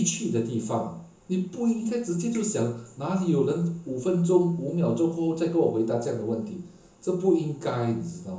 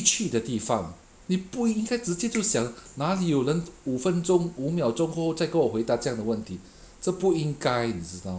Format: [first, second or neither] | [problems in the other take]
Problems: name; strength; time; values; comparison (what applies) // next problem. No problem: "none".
second | room echo; dies away in 0.8 s